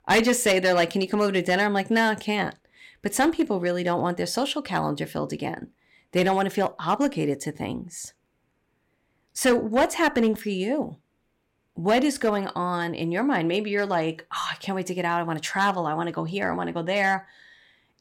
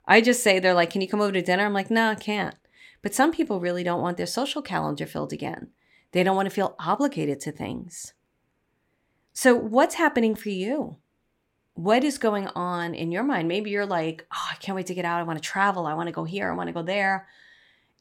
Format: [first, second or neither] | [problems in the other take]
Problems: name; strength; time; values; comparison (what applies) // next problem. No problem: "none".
second | distortion; slight; 3% of the sound clipped